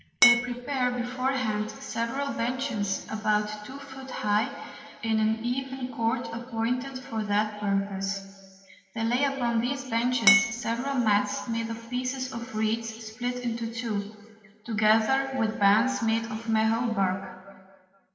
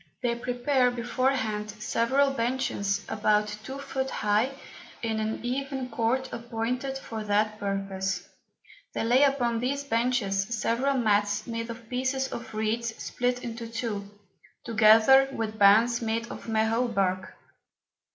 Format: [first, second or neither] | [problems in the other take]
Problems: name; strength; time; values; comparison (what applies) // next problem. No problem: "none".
second | background sound (Glass); 5 dB above the speech // room echo; dies away in 2 s